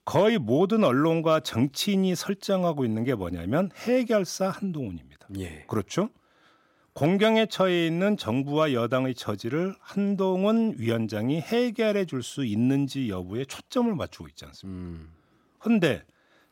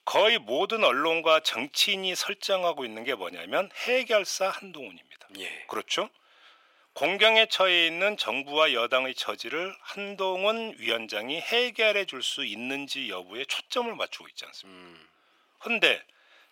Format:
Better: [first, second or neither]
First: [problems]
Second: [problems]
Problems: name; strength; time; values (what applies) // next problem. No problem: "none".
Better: first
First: none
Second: thin; very; fading below 650 Hz